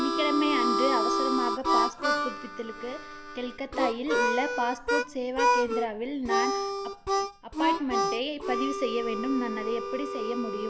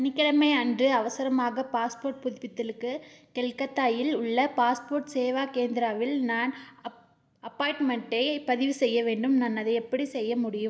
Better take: second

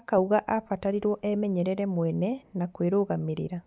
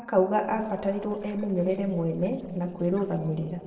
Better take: first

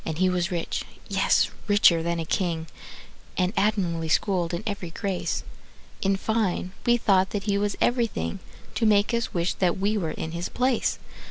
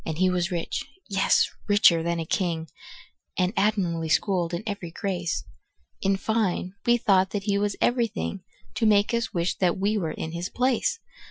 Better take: first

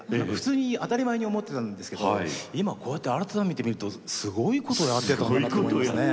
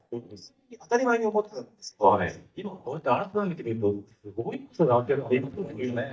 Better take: first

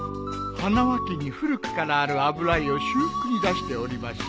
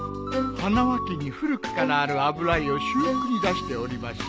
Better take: first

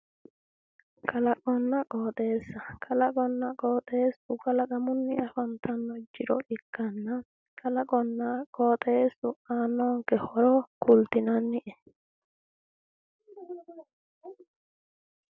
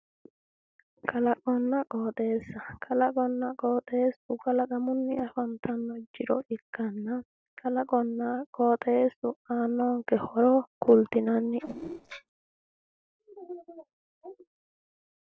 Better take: first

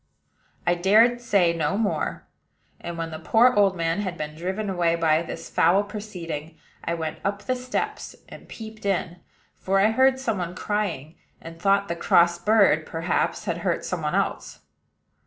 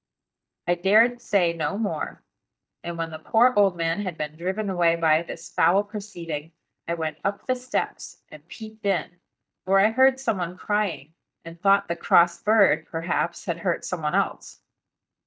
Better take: first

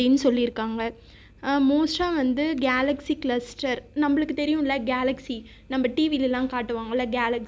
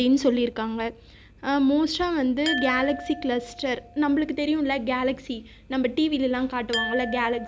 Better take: first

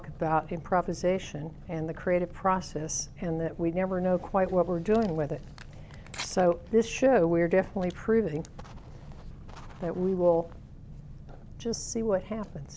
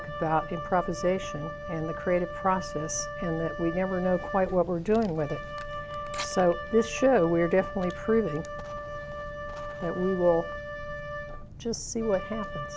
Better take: first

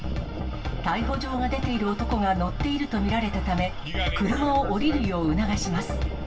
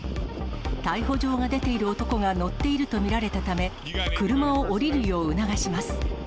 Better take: second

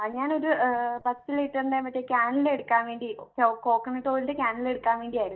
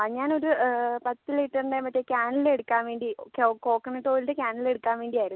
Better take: second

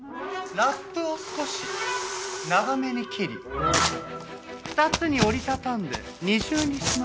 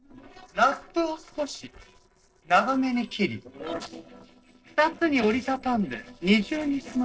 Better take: first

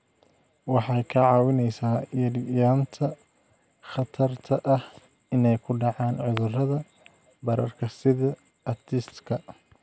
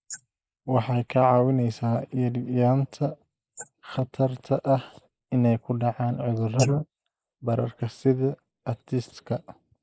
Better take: first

